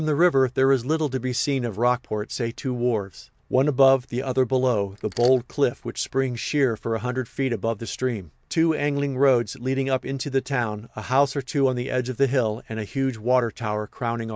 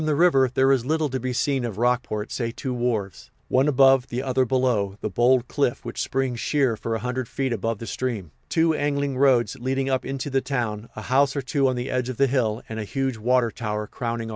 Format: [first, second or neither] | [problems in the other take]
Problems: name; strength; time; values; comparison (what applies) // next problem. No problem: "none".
second | background sound (Mechanisms); 18 dB below the speech